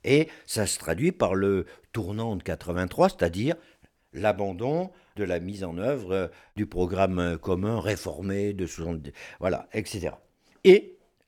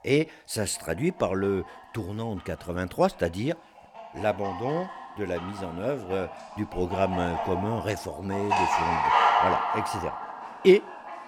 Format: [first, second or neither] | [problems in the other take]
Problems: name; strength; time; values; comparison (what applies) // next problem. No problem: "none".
first | animal sounds; very loud; throughout; 1 dB above the speech